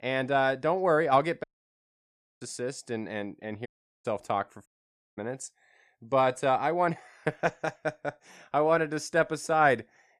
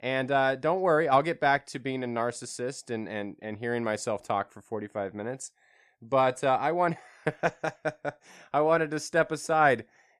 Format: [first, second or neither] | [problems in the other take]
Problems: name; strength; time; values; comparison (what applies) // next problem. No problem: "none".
second | audio cutting out; at 1.5 s for 1 s, at 3.5 s and at 4.5 s for 0.5 s